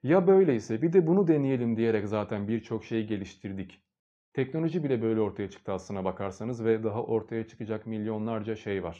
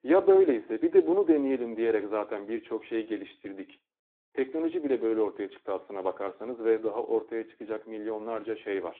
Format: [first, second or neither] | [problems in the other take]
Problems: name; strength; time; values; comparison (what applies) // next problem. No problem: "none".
first | phone-call audio